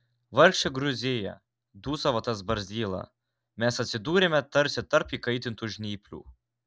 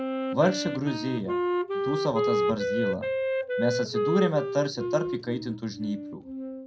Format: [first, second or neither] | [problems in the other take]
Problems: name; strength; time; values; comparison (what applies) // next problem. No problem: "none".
first | background sound (Wind instrument, woodwind instrument); as loud as the speech // room echo; dies away in 0.2 s